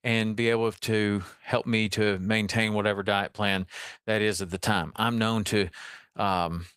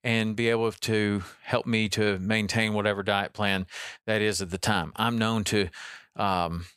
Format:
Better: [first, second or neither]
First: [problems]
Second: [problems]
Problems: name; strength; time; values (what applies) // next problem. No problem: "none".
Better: second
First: garbled, watery; slightly; nothing above 15.5 kHz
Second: none